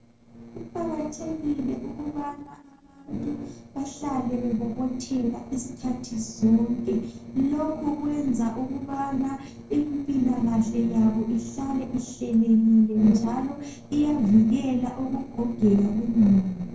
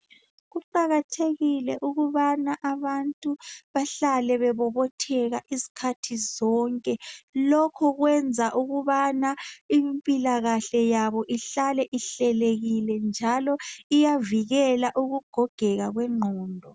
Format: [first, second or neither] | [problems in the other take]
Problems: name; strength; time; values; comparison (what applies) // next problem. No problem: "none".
second | noise reduction (neural separator model SepFormer DNS4)